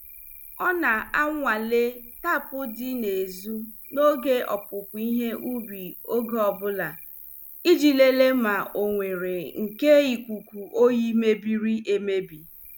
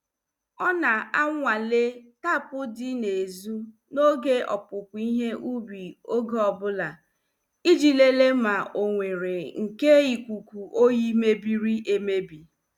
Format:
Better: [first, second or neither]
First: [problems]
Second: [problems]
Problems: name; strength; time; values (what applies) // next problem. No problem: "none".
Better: second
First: background sound (Cricket); 19 dB below the speech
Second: none